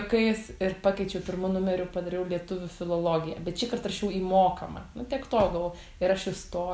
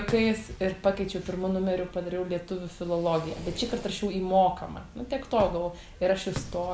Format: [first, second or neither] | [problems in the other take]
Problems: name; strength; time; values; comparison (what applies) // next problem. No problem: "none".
first | background sound (Fireworks); 16 dB below the speech